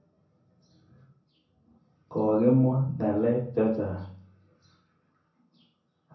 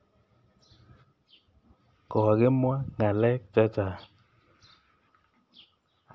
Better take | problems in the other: second | room echo; dies away in 0.5 s

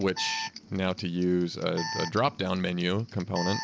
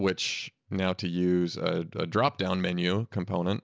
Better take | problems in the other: second | background sound (Alarm); 10 dB below the speech

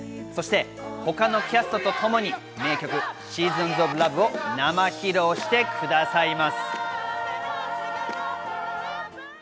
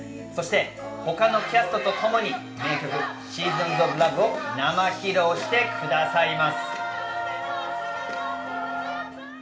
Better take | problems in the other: first | background sound (Keyboard (musical)); 19 dB below the speech // room echo; dies away in 0.6 s

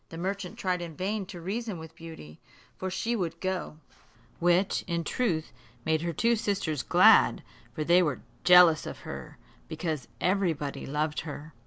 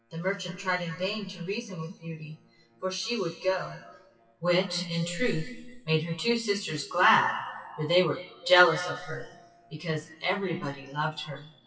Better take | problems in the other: first | noise reduction (classical method WPE with log-MMSE)

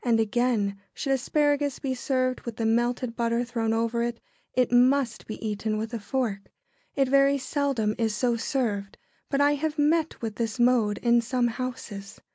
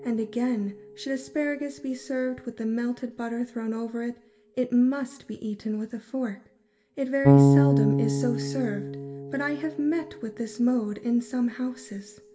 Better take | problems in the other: first | background sound (Bass guitar); as loud as the speech // room echo; dies away in 0.7 s

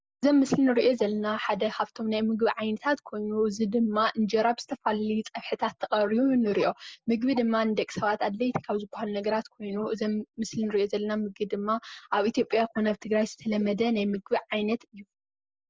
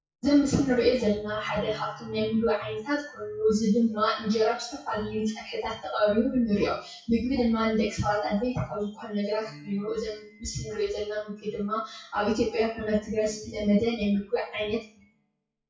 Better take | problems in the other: first | noise reduction (classical method WPE with log-MMSE)

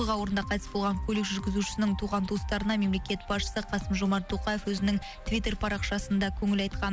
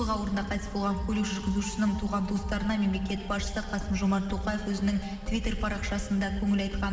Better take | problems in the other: first | room echo; dies away in 2.8 s

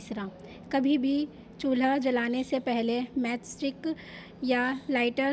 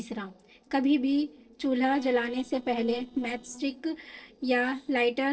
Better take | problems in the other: first | noise reduction (neural separator model SepFormer DNS4)

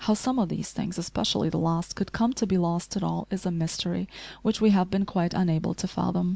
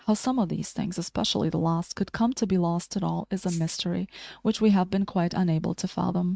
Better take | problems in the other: first | noise reduction (neural mask model RNNoise)

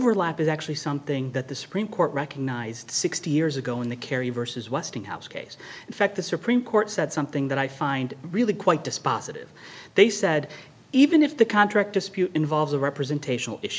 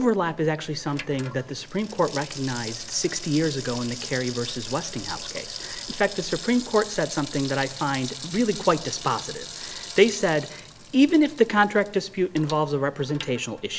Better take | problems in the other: first | background sound (Sink (filling or washing) / Water tap, faucet); 13 dB below the speech

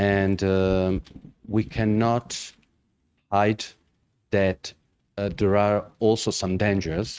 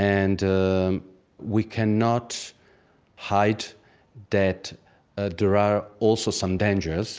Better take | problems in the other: second | noise reduction (neural mask model RNNoise)

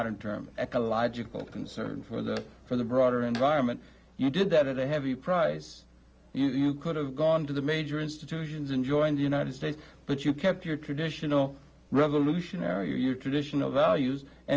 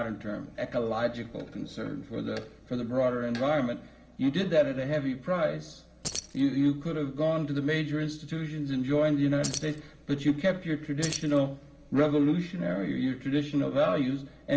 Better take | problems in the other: first | background sound (Keys jangling); 12 dB below the speech // room echo; dies away in 1.3 s

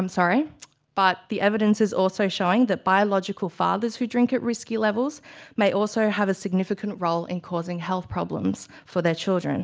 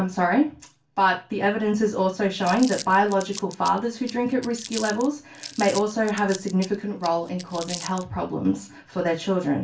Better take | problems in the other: first | background sound (Crumpling, crinkling); 15 dB below the speech // room echo; dies away in 0.2 s

